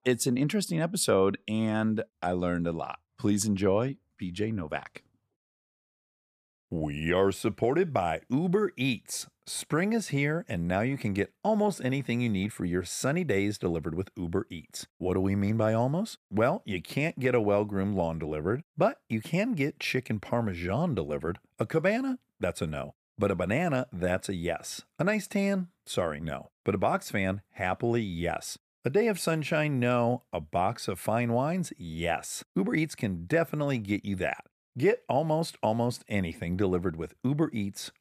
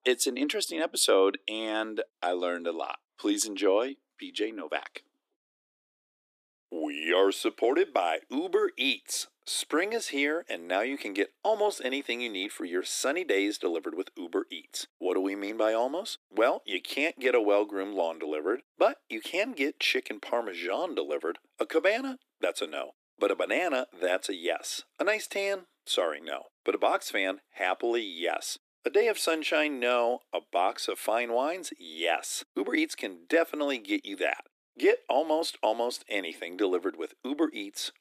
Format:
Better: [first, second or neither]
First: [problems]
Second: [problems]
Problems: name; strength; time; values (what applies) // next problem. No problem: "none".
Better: first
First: none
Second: thin; somewhat; fading below 300 Hz